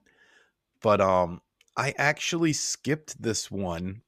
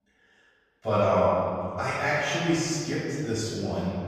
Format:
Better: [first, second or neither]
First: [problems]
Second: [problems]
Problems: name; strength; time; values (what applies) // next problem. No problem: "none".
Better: first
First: none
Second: off-mic speech; far // room echo; strong; dies away in 2.1 s